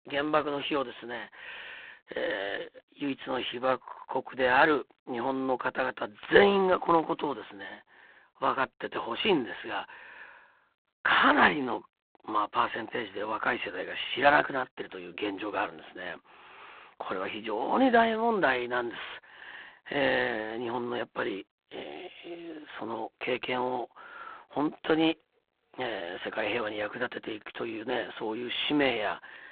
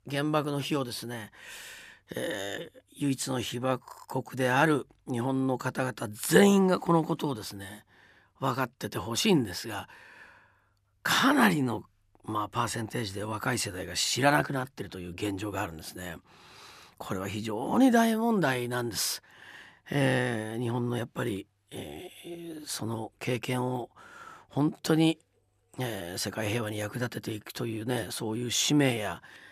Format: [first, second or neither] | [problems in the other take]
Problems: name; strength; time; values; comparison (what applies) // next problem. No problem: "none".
second | phone-call audio; poor line